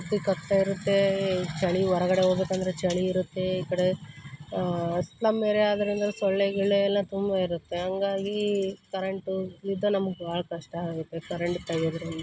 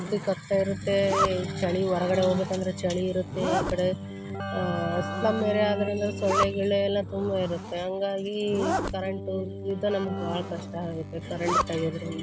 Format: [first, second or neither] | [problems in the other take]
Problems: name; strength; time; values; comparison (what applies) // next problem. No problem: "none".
first | background sound (Keyboard (musical) + Zipper (clothing)); 5 dB below the speech